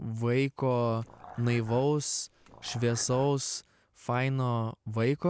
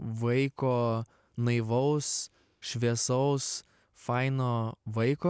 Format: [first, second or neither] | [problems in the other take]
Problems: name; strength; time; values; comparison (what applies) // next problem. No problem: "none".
second | background sound (Dog); 20 dB below the speech